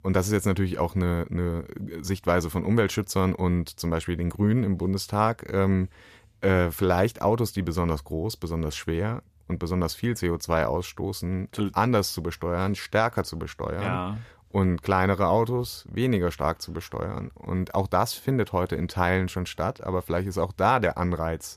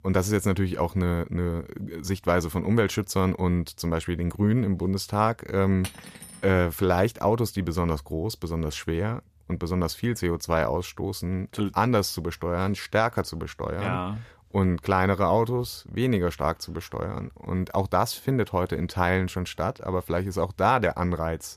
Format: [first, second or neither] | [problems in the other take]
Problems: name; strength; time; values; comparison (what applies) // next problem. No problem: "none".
first | clattering dishes; faint; at 6 s; peak 15 dB below the speech